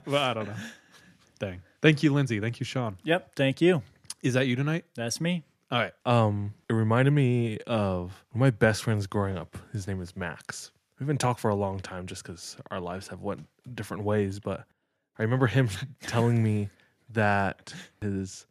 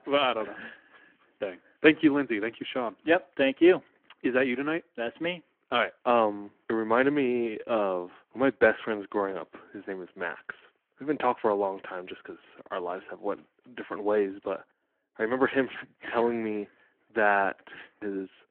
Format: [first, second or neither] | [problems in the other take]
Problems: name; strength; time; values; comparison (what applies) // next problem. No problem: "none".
first | phone-call audio